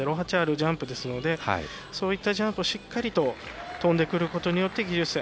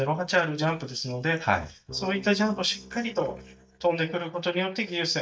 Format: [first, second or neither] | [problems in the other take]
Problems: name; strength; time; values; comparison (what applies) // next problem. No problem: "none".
first | noise reduction (neural mask model DeepFilterNet 3)